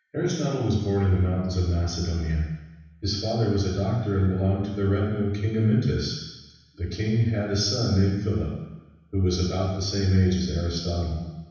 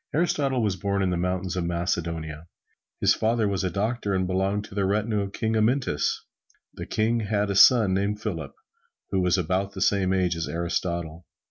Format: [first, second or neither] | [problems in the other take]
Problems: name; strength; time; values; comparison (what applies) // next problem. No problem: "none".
second | room echo; dies away in 1.1 s